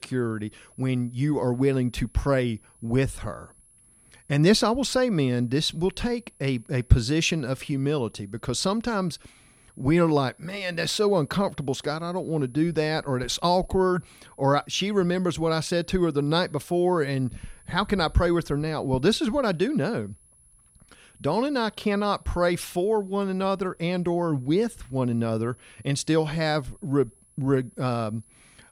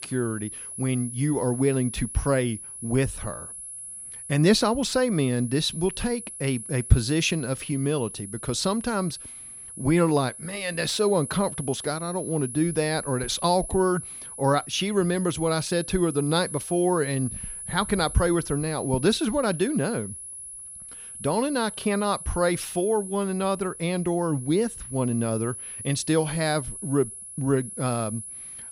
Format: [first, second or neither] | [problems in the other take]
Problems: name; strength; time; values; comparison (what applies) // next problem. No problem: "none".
first | high-pitched whine; loud; throughout; 10.5 kHz, 10 dB below the speech; faint in the first